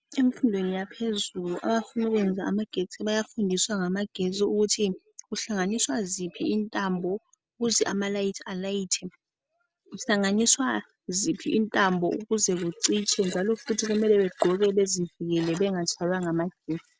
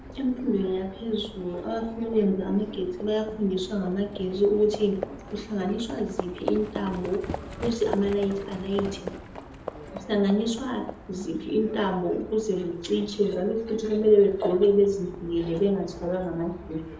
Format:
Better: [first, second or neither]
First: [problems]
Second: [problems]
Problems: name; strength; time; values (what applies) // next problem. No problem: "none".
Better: first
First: none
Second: background sound (Livestock, farm animals, working animals); 13 dB below the speech // room echo; dies away in 0.7 s